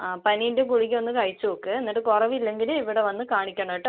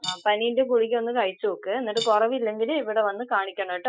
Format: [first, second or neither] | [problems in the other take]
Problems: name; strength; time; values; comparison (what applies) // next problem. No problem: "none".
first | noise reduction (classical method Wiener filter)